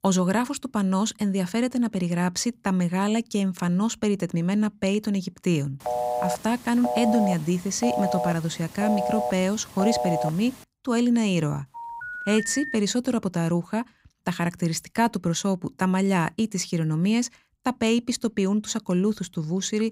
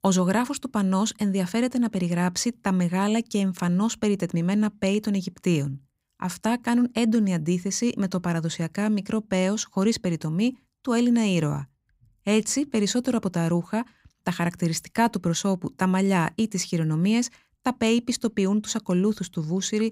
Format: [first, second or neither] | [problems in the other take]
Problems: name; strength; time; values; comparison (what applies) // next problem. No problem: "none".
second | phone ringing; noticeable; from 6 to 10 s and from 12 to 13 s; peak 1 dB below the speech